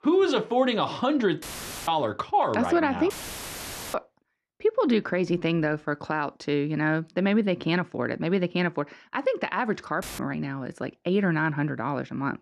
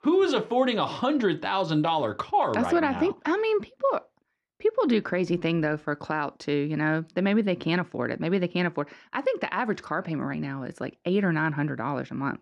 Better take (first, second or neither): second